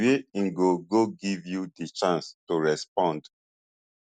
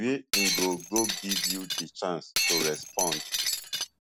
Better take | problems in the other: first | background sound (Shatter); 3 dB above the speech

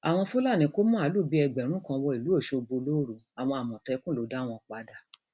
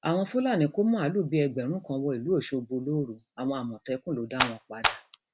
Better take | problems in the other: first | background sound (Clapping); 1 dB below the speech

